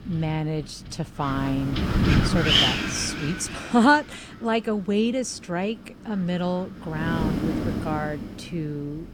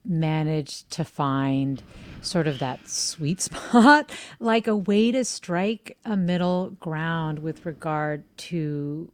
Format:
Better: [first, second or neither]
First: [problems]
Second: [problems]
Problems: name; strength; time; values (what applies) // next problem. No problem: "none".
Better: second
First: wind noise on the microphone; heavy; 2 dB above the speech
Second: wind noise on the microphone; occasional gusts; 25 dB below the speech